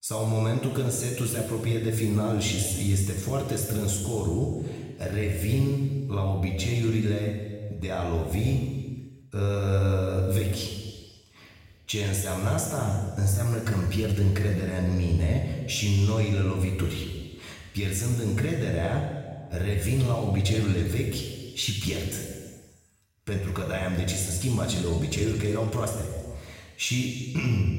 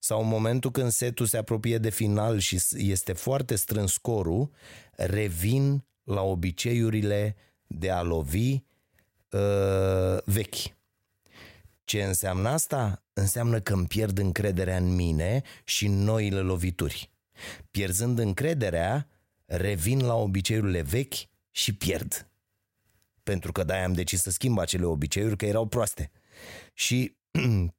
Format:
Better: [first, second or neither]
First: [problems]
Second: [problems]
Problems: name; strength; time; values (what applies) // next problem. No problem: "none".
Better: second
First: room echo; noticeable; dies away in 1.5 s // off-mic speech; far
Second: none